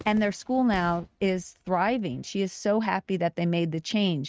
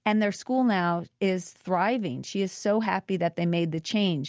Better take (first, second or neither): second